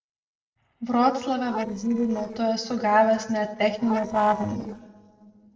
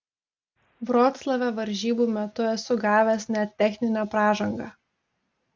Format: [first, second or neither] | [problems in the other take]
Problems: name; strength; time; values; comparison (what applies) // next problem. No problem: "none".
second | noise reduction (neural separator model SepFormer DNS4)